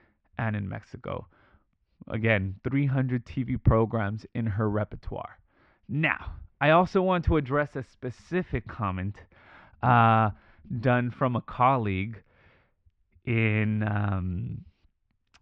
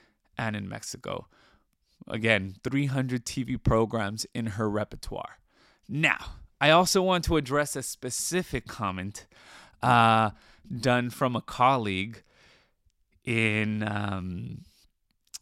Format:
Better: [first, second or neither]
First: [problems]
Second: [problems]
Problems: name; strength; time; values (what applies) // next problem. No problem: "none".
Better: second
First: muffled; very; fading above 2.5 kHz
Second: none